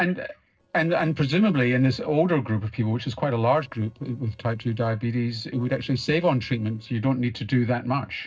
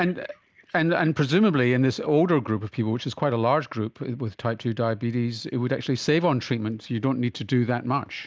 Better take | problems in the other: second | noise reduction (neural separator model SepFormer DNS4)

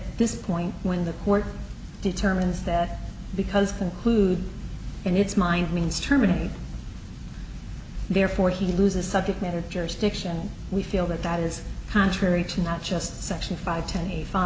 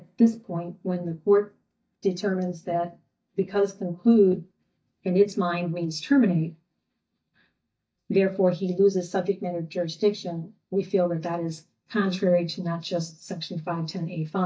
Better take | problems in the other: first | noise reduction (neural mask model DeepFilterNet 3)

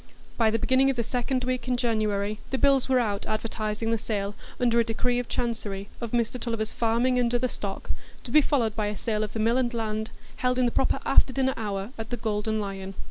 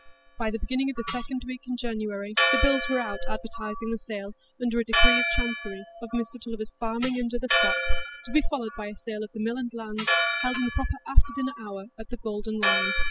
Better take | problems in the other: first | noise reduction (classical method spectral subtraction)

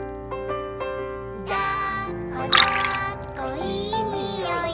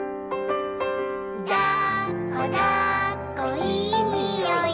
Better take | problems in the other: second | background sound (Liquid); 3 dB below the speech

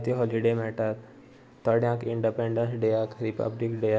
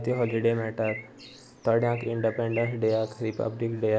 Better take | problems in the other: first | background sound (Bird); 17 dB below the speech

